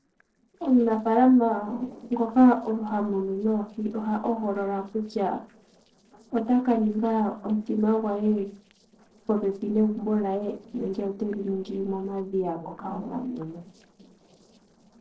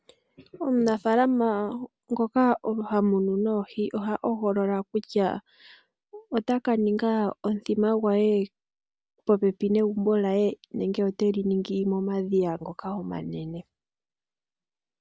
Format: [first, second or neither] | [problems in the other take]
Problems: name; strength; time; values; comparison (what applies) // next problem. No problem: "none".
second | noise reduction (neural separator model SepFormer DNS4)